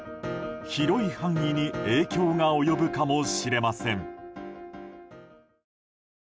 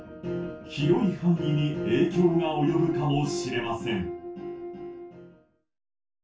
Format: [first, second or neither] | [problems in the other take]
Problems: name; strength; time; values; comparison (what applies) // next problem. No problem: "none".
first | room echo; dies away in 0.2 s